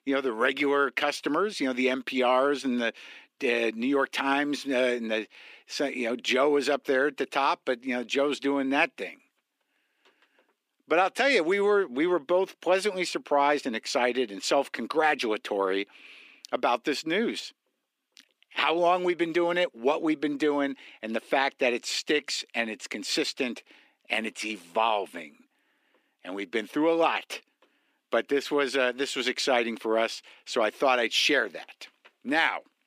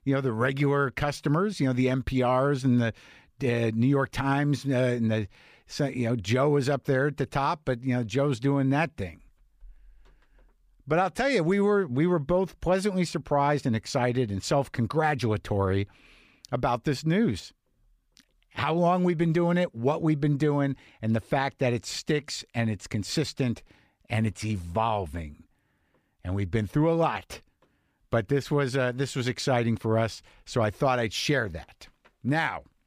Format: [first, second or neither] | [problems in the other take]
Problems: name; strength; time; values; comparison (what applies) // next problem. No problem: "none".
second | thin; somewhat; fading below 250 Hz